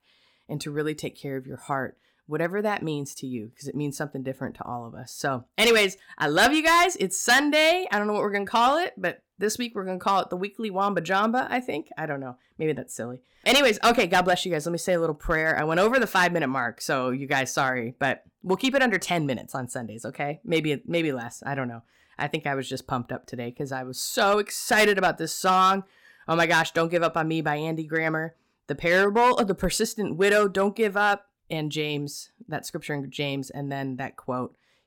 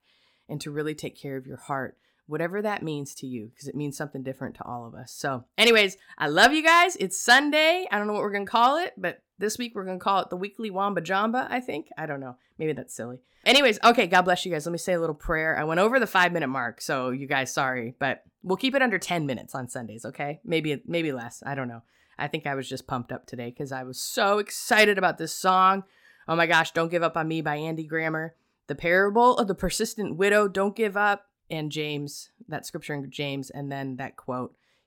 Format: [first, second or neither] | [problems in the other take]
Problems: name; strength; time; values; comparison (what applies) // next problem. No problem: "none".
second | distortion; slight; 2% of the sound clipped